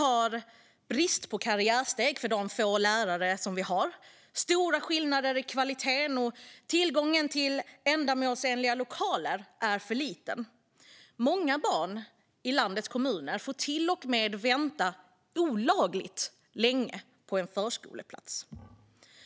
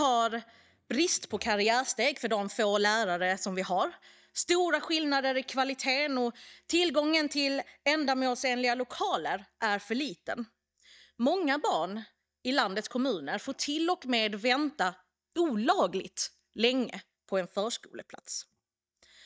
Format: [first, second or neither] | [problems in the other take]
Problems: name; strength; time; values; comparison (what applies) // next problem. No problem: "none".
first | noise reduction (neural mask model DeepFilterNet 3)